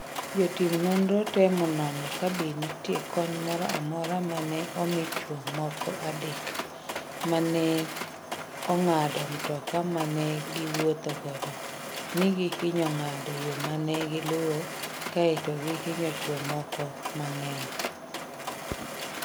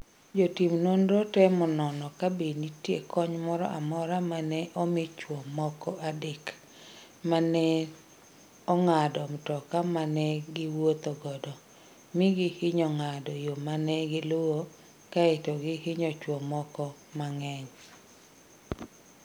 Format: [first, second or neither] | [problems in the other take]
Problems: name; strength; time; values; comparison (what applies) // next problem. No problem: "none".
second | background sound (Mechanisms); 6 dB below the speech